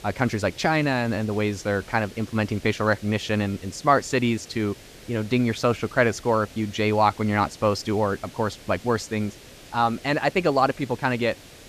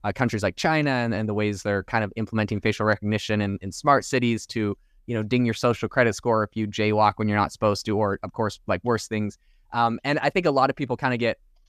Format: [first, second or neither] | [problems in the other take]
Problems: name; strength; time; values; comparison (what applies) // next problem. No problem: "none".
second | hiss; faint; throughout; 20 dB below the speech